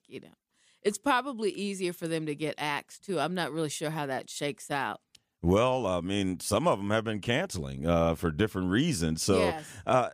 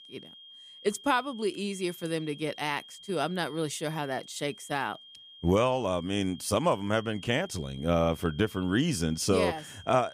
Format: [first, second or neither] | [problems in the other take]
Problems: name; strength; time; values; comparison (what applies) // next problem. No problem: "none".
first | high-pitched whine; noticeable; throughout; 3 kHz, 20 dB below the speech